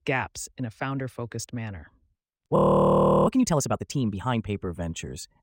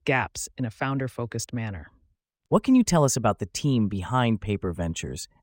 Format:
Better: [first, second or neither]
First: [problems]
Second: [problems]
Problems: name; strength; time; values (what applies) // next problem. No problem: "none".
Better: second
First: audio freezing; at 2.5 s for 0.5 s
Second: none